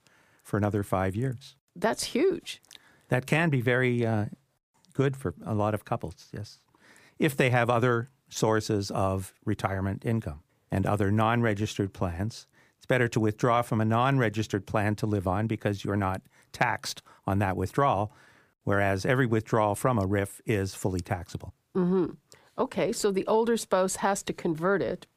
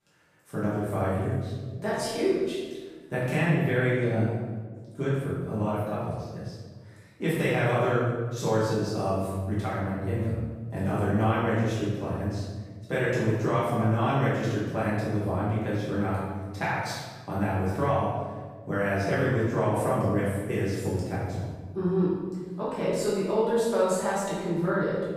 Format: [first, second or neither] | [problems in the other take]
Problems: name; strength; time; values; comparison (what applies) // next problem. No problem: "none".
first | off-mic speech; far // room echo; strong; dies away in 1.3 s